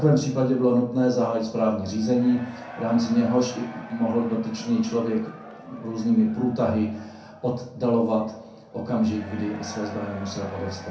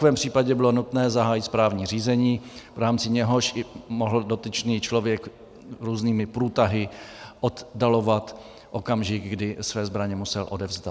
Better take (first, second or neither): second